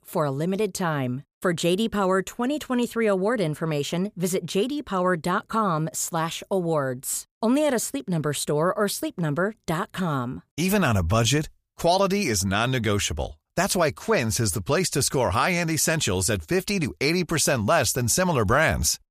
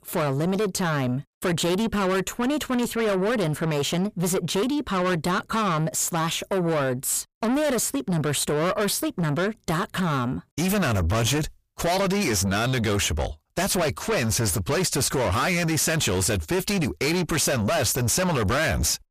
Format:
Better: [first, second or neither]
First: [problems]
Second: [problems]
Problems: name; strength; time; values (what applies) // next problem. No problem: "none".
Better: first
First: none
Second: distortion; heavy; 7 dB below the speech